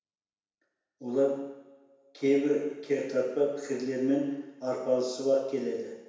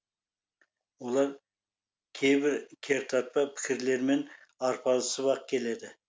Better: second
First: room echo; dies away in 1 s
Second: none

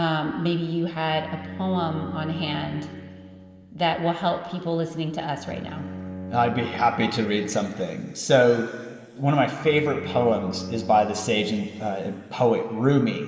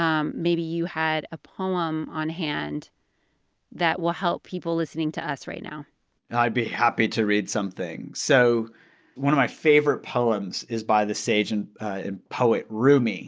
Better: second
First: background sound (Bowed string instrument); 15 dB below the speech // room echo; dies away in 2.9 s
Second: none

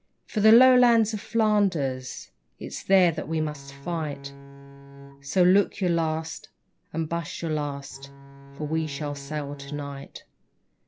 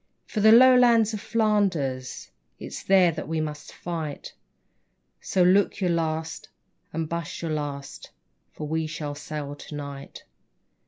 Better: second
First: background sound (Bowed string instrument); 19 dB below the speech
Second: none

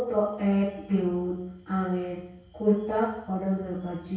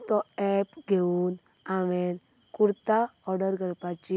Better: second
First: room echo; dies away in 0.6 s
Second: none

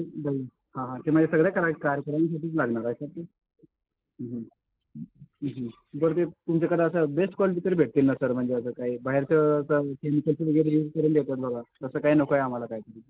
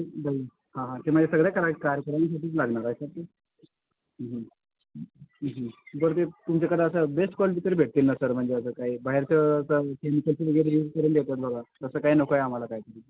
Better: second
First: noise reduction (neural mask model Resemble Enhance denoiser)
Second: none

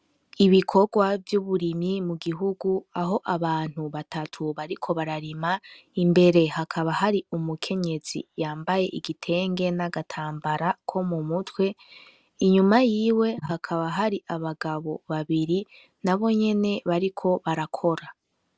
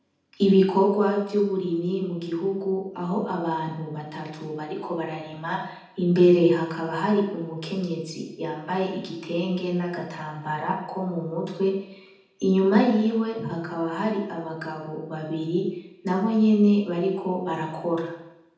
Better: first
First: none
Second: room echo; dies away in 0.8 s

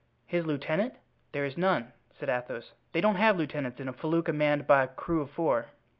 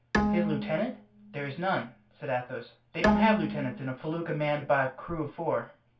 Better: first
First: none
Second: background sound (Bowed string instrument); 3 dB below the speech // room echo; dies away in 0.3 s

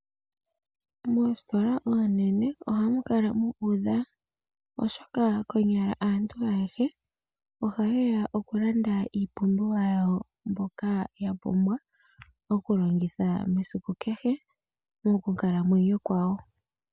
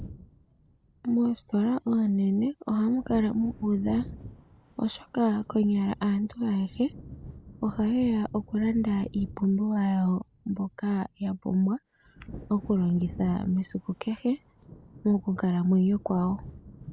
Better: first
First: none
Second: background sound (Thunder / Wind); 18 dB below the speech

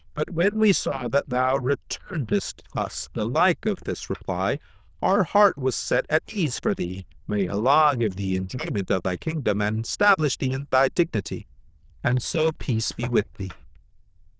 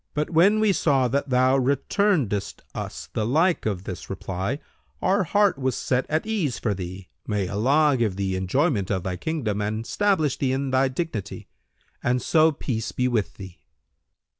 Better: second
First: noise reduction (neural diffusion model UNIVERSE++)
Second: none

